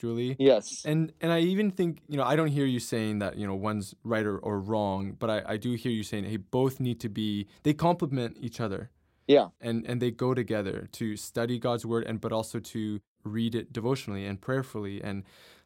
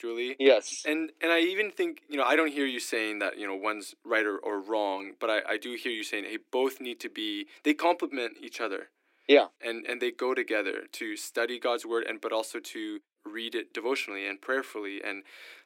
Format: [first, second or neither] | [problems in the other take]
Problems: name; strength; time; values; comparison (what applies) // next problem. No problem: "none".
first | thin; somewhat; fading below 300 Hz